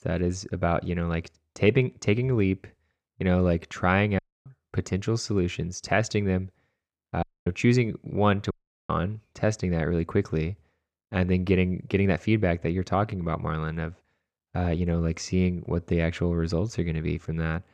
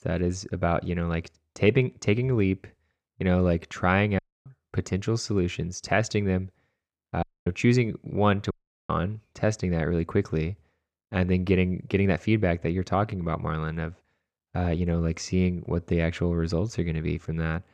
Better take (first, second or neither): neither